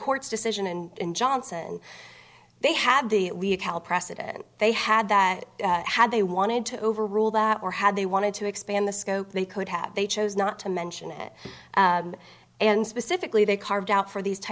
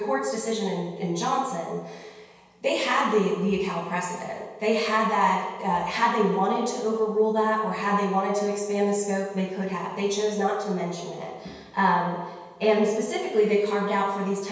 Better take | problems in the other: first | room echo; dies away in 1.2 s

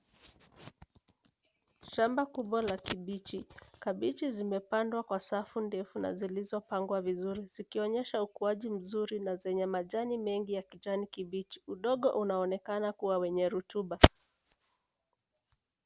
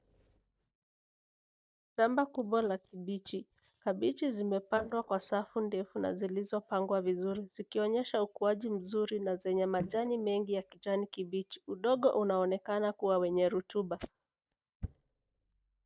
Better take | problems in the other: first | noise reduction (neural mask model DeepFilterNet 3)

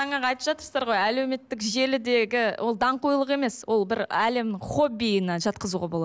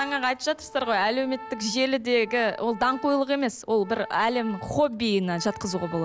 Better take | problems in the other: first | background sound (Organ); 17 dB below the speech

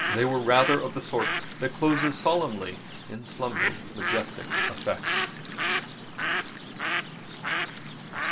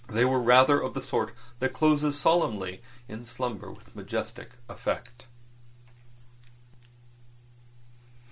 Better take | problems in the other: second | background sound (Bird); 2 dB below the speech

